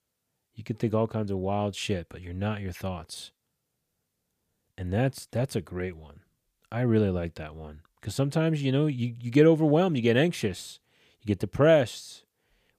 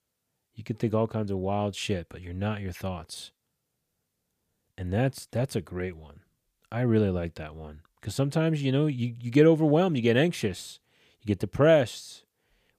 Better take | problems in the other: neither | none

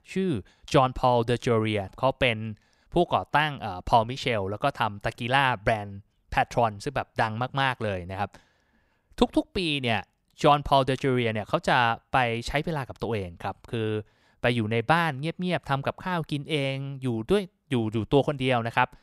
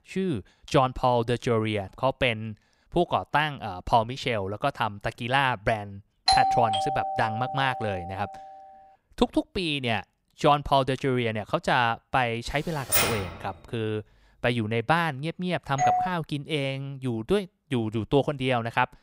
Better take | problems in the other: first | doorbell; loud; from 6.5 to 8 s and at 16 s; peak 6 dB above the speech // keyboard typing; loud; at 13 s; peak 5 dB above the speech

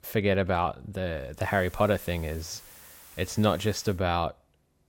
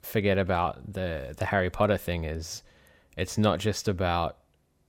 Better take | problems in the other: second | hiss; faint; from 1.5 to 4 s; 20 dB below the speech

